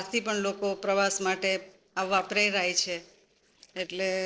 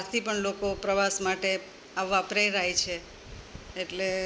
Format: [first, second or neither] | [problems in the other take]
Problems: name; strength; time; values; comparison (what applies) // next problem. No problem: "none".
second | noise reduction (neural separator model SepFormer DNS4)